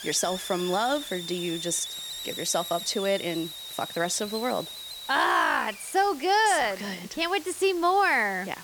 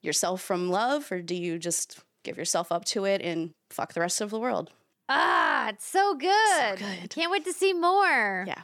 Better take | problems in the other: second | hiss; noticeable; throughout; 10 dB below the speech

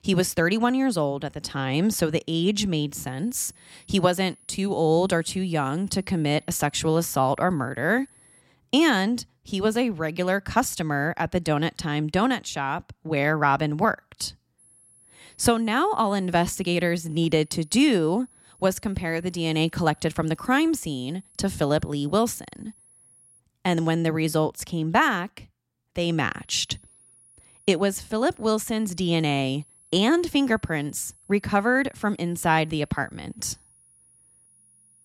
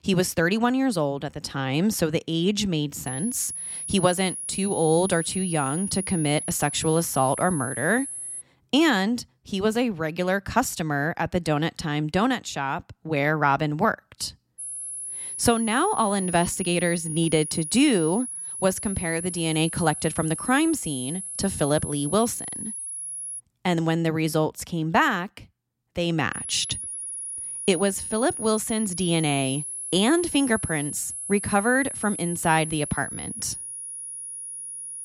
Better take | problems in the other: first | high-pitched whine; loud; from 3 to 8.5 s, from 15 to 23 s and from 26 s on; 10.5 kHz, 6 dB below the speech; faint in the first

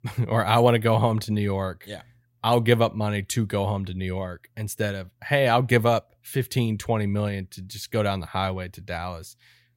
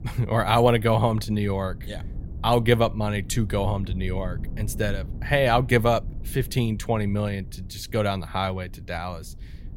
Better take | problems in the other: first | low rumble; faint; throughout; 25 dB below the speech

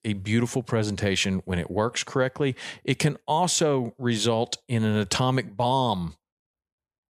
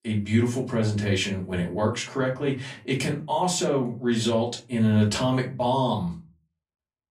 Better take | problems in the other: first | off-mic speech; far // room echo; very slight; dies away in 0.3 s

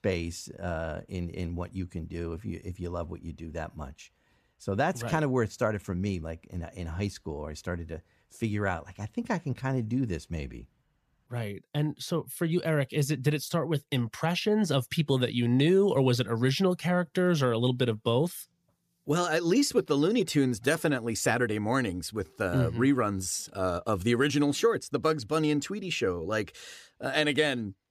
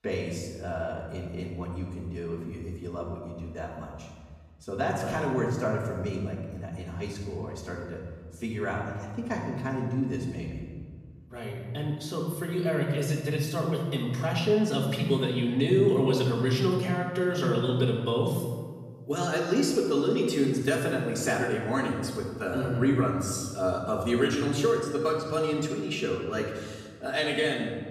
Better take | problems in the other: first | off-mic speech; far // room echo; noticeable; dies away in 1.4 s

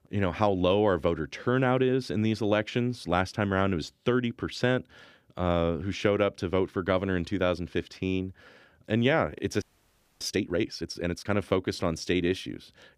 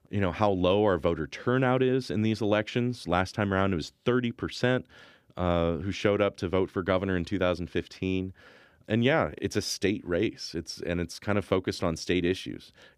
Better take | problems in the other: second | audio freezing; at 9.5 s for 0.5 s

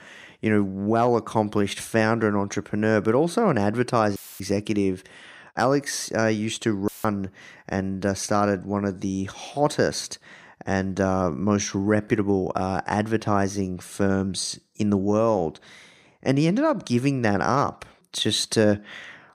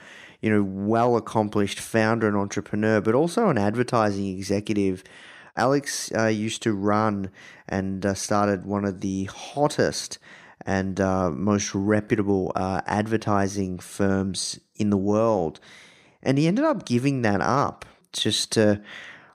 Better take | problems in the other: second | audio cutting out; filled with static; at 4 s and at 7 s

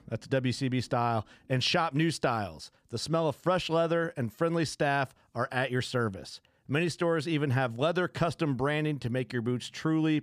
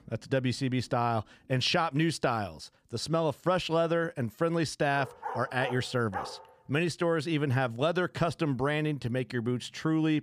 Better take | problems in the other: first | dog barking; noticeable; from 5 to 6.5 s; peak 8 dB below the speech

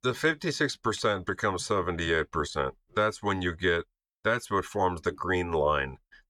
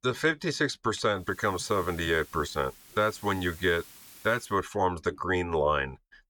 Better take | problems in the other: first | hiss; noticeable; from 1 to 4.5 s; 20 dB below the speech

